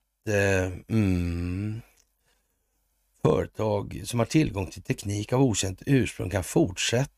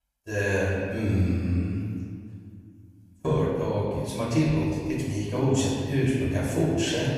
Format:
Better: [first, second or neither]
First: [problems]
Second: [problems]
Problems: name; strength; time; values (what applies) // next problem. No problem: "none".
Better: first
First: none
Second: room echo; strong; dies away in 1.9 s // off-mic speech; far